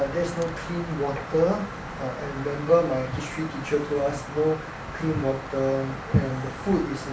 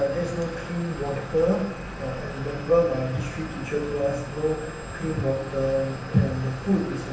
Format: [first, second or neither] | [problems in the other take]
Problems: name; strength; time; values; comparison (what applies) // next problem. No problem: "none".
first | background sound (Engine); 14 dB below the speech // room echo; dies away in 0.8 s